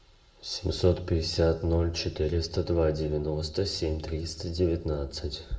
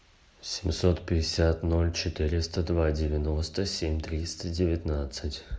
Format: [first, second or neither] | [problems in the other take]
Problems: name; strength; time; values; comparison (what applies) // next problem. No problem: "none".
second | room echo; dies away in 1.3 s